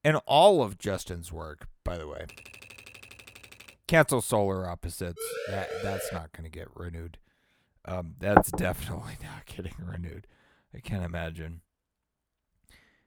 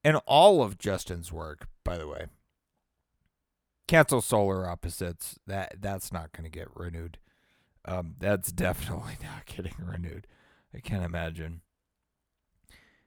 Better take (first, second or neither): second